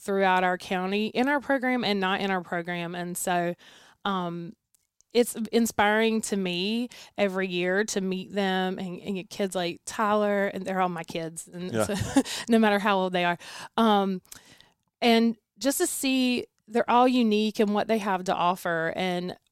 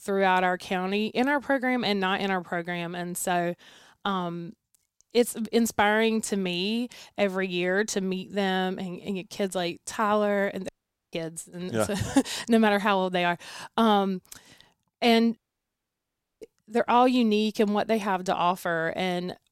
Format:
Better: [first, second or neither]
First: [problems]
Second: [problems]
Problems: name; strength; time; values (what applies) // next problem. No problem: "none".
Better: first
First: none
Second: audio cutting out; at 11 s and at 15 s for 1 s